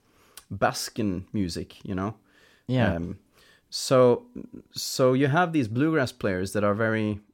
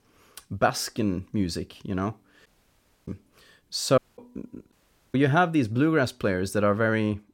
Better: first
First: none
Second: audio cutting out; at 2.5 s for 0.5 s, at 4 s and at 4.5 s

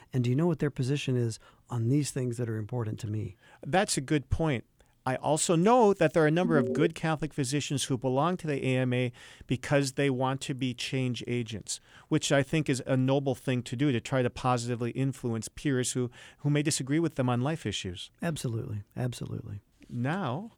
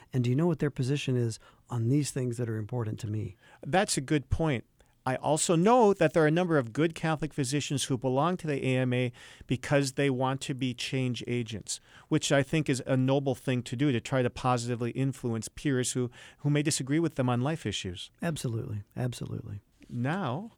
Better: second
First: alarm; noticeable; at 6.5 s; peak 1 dB below the speech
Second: none

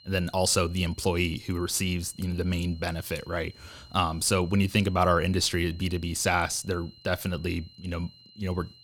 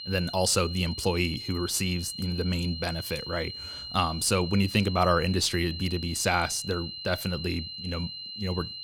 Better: first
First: high-pitched whine; faint; throughout; 4 kHz, 25 dB below the speech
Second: high-pitched whine; loud; throughout; 4 kHz, 8 dB below the speech

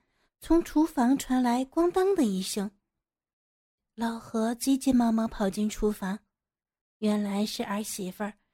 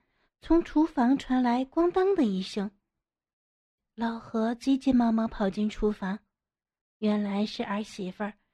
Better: first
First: none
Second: muffled; very slightly; fading above 3 kHz

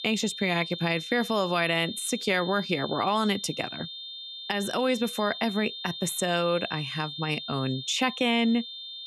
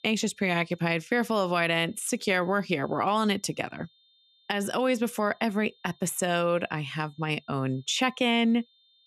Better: second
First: high-pitched whine; loud; throughout; 3.5 kHz, 9 dB below the speech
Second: high-pitched whine; faint; throughout; 3.5 kHz, 35 dB below the speech

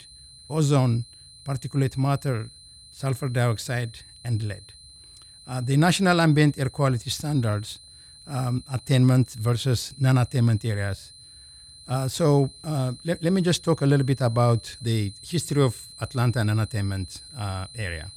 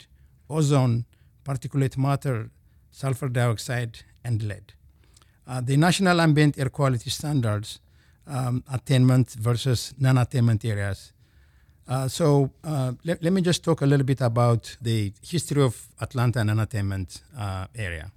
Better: second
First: high-pitched whine; noticeable; throughout; 4 kHz, 20 dB below the speech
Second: none

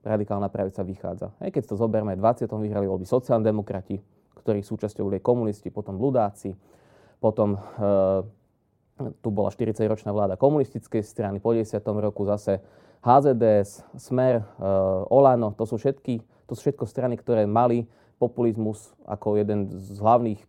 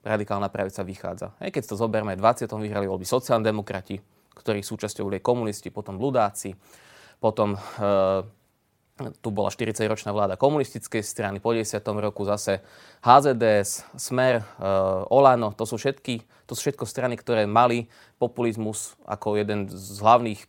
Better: second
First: muffled; slightly; fading above 1 kHz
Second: none

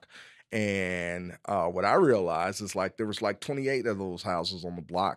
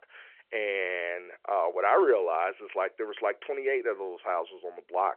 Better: first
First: none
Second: phone-call audio

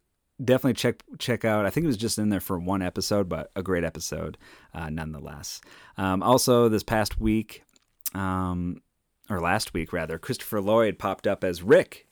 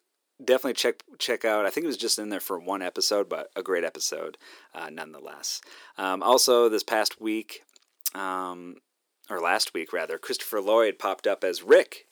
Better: first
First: none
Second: thin; somewhat; fading below 350 Hz

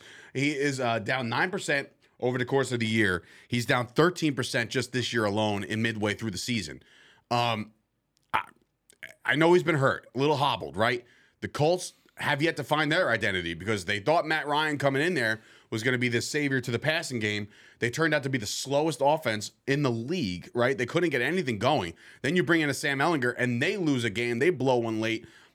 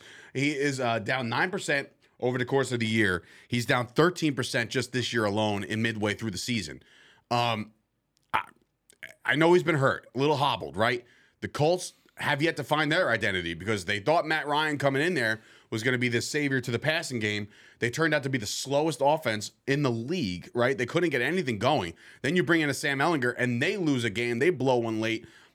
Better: neither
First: none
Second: none

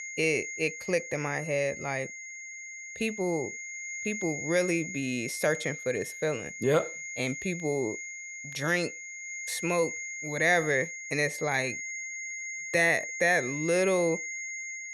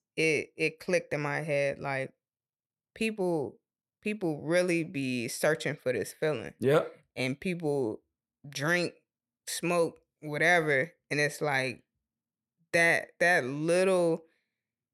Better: second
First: high-pitched whine; loud; throughout; 2 kHz, 7 dB below the speech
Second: none

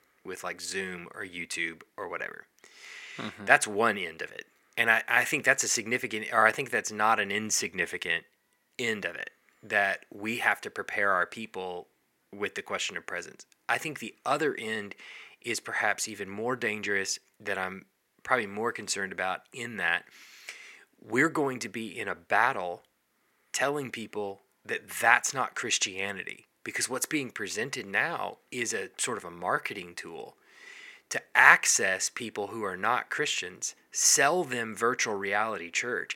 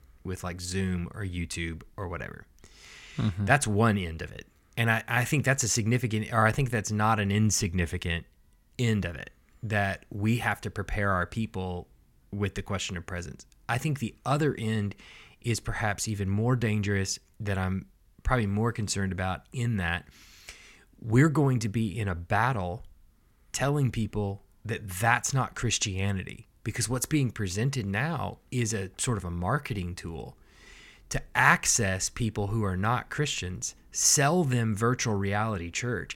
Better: second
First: thin; very; fading below 400 Hz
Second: none

